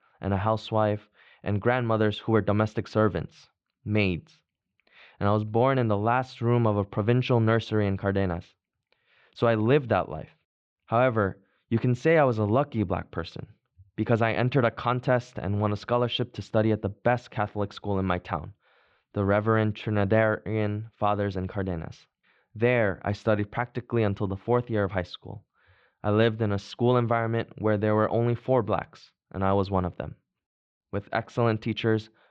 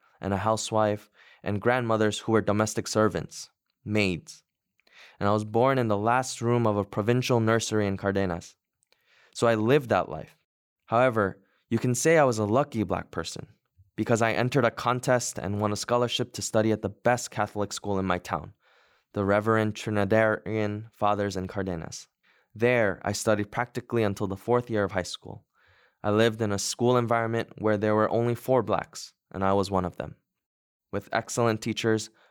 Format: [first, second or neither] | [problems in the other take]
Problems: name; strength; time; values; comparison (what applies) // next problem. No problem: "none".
second | muffled; slightly; fading above 3.5 kHz